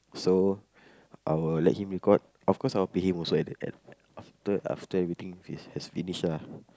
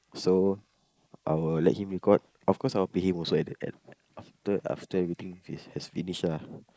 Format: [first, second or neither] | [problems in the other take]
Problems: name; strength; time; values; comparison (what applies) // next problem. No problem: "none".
first | noise reduction (neural mask model Resemble Enhance denoiser)